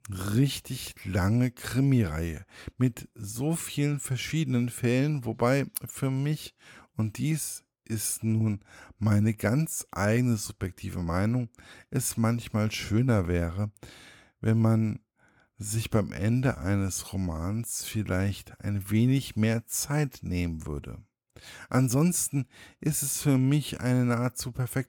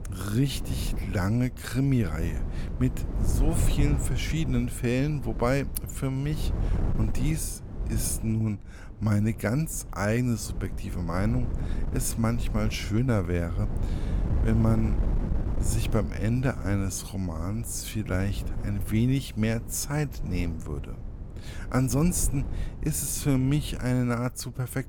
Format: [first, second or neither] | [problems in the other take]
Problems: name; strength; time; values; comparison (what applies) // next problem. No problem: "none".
first | wind noise on the microphone; occasional gusts; 10 dB below the speech